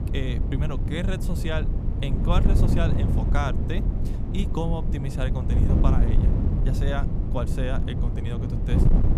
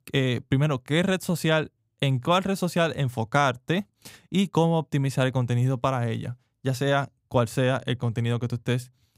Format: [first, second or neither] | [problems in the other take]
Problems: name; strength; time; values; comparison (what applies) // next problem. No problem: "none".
second | wind noise on the microphone; heavy; 3 dB below the speech